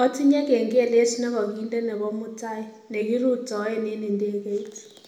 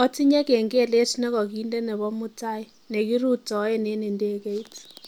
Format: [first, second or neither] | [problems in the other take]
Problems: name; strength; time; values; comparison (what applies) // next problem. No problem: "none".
second | room echo; dies away in 0.8 s